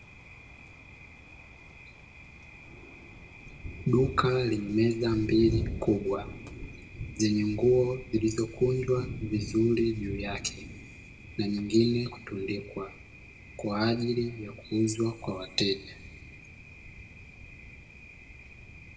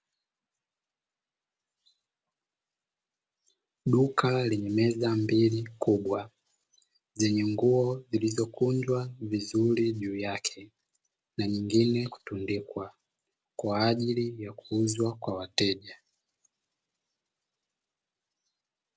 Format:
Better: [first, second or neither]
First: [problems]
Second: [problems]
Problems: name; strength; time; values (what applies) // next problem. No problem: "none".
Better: second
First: background sound (Thunder); 11 dB below the speech // room echo; dies away in 1.1 s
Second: none